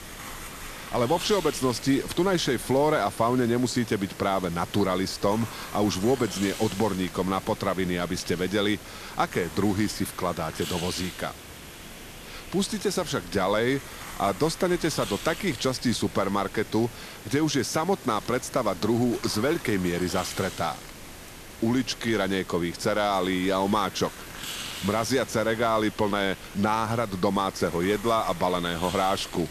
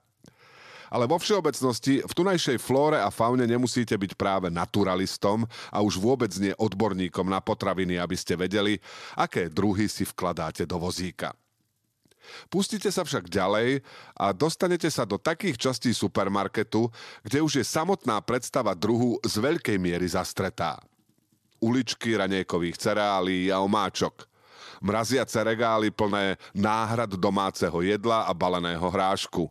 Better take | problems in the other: second | hiss; noticeable; throughout; 15 dB below the speech

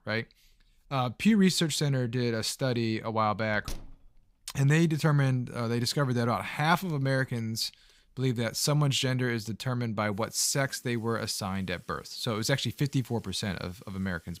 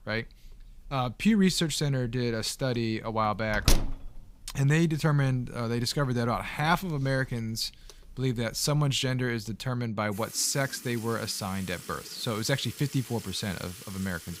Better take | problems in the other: first | household noises; loud; throughout; 9 dB below the speech; faint in the first

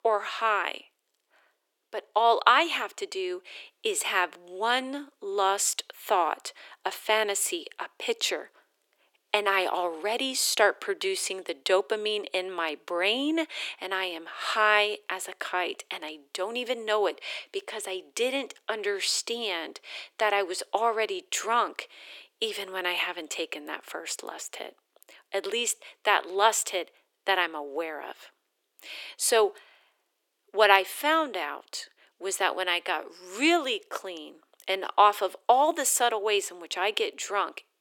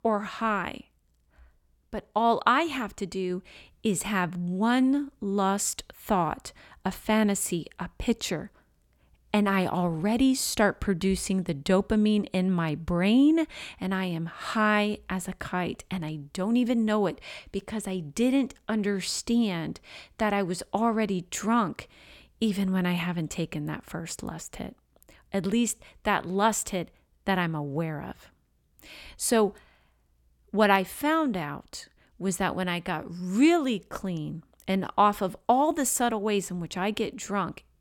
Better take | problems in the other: second | thin; very; fading below 350 Hz

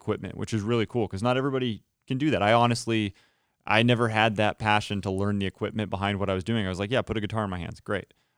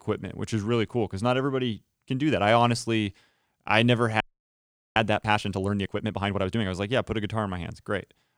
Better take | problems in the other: first | audio freezing; at 4 s for 1 s

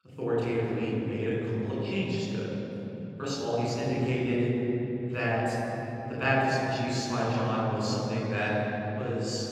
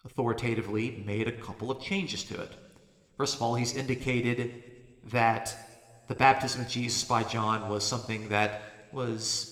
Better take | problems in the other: second | room echo; strong; dies away in 3 s; slight in the second // off-mic speech; far

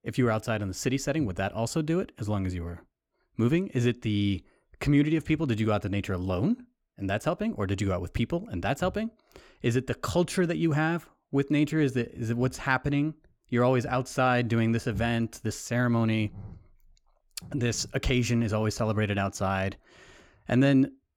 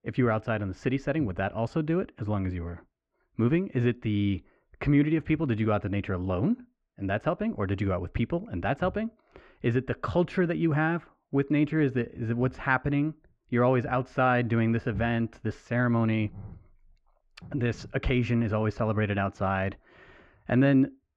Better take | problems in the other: first | muffled; very; fading above 2 kHz

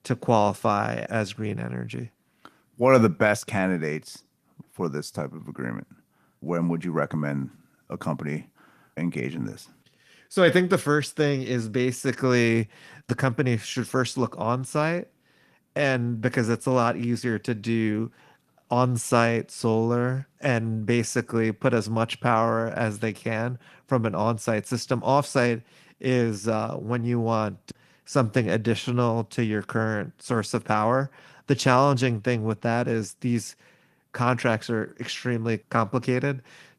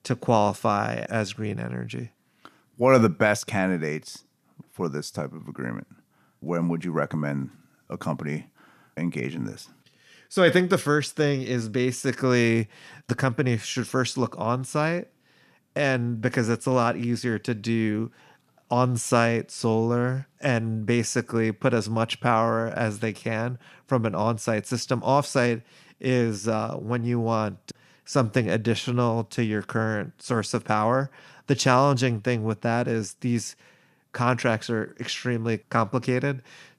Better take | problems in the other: second | garbled, watery; slightly

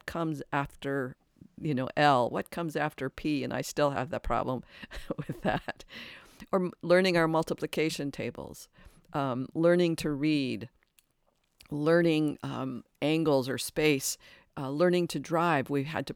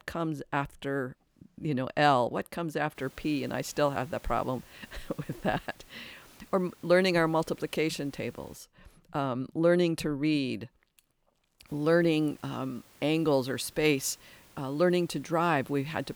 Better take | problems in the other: first | hiss; faint; from 3 to 8.5 s and from 12 s on; 25 dB below the speech

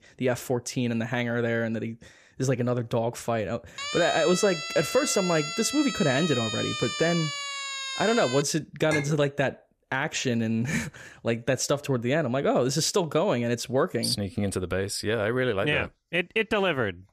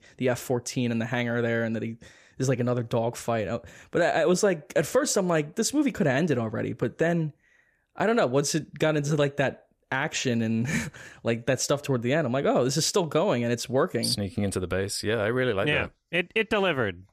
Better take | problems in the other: second | siren; noticeable; from 4 to 8.5 s; peak 3 dB below the speech // clattering dishes; noticeable; at 9 s; peak 6 dB below the speech

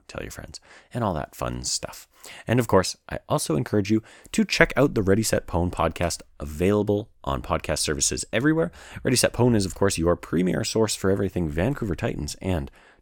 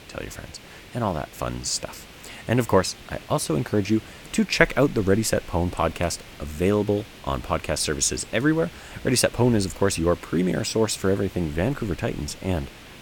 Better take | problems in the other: first | hiss; noticeable; throughout; 20 dB below the speech

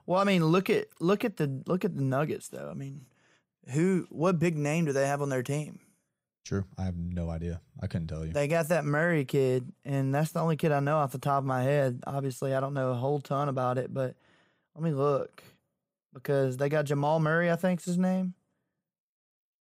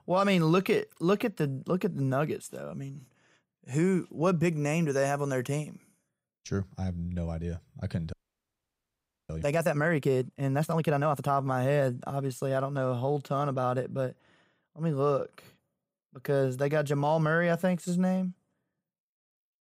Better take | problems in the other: first | audio freezing; at 8 s for 1 s

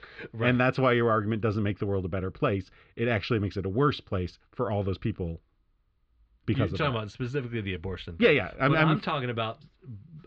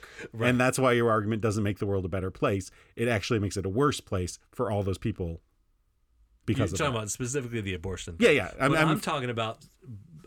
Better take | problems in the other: second | muffled; slightly; fading above 4 kHz

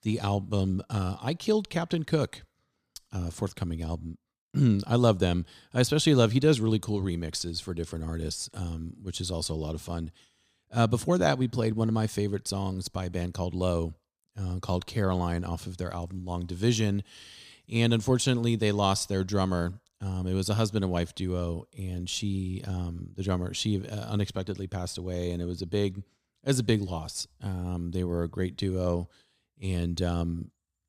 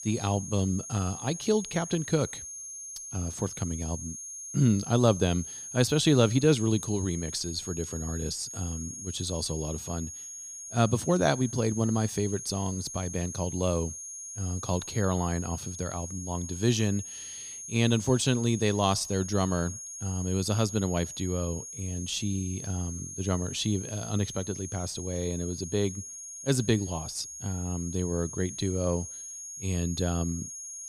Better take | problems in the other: first | high-pitched whine; loud; throughout; 6.5 kHz, 9 dB below the speech

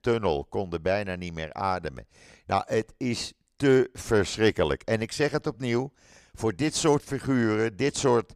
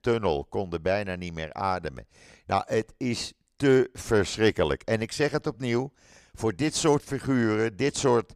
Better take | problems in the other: neither | none

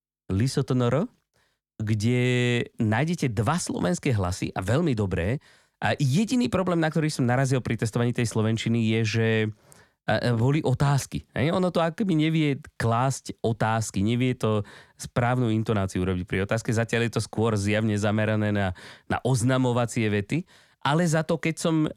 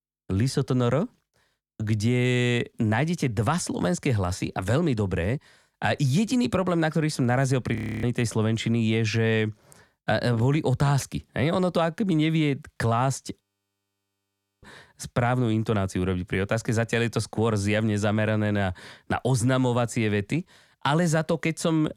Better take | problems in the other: first | audio freezing; at 8 s and at 13 s for 1 s

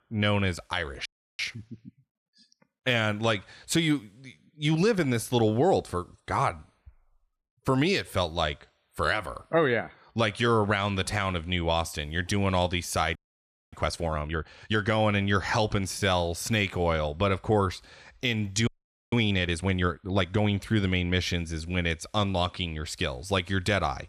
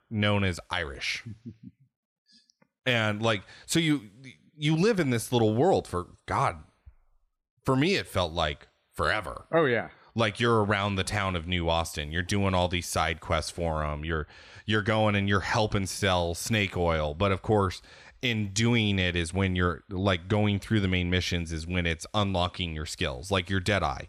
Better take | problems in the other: second | audio freezing; at 1 s, at 13 s for 0.5 s and at 19 s

